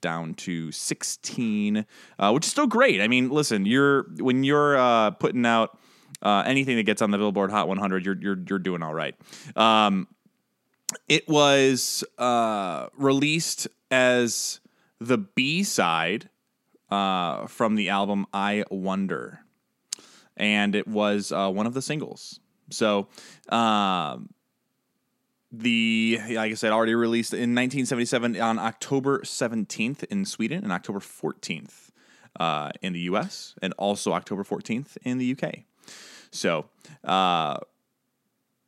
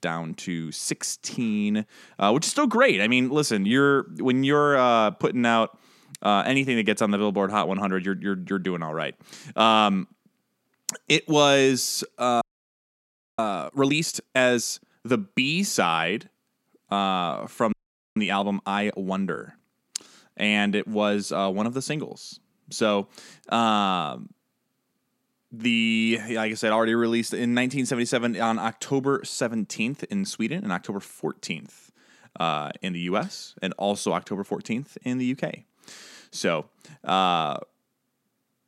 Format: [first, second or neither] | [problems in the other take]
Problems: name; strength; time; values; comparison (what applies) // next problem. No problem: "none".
first | audio freezing; at 12 s for 1 s and at 18 s